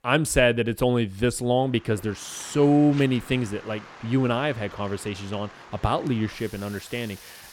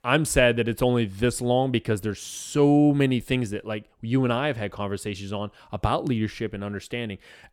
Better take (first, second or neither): second